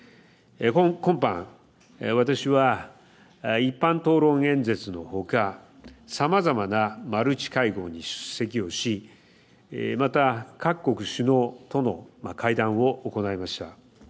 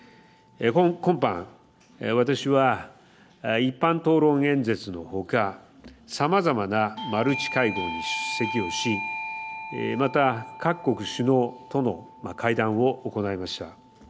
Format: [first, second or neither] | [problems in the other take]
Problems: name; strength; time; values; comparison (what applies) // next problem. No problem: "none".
first | background sound (Doorbell); 13 dB below the speech